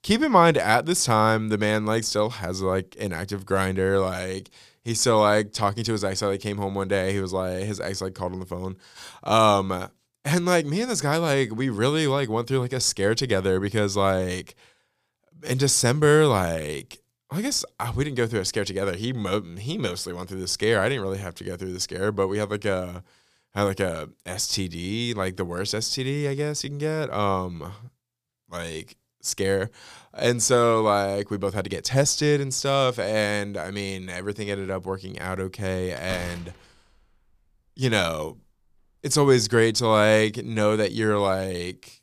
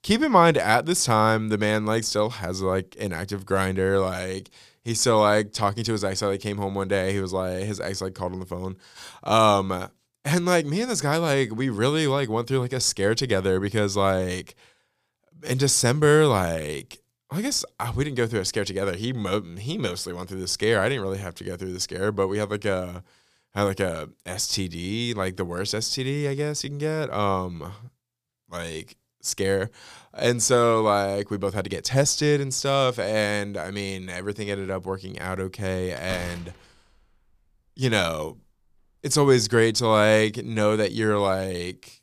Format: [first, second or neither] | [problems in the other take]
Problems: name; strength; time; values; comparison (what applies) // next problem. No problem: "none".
neither | door banging; faint; from 36 to 38 s; peak 15 dB below the speech; the same in both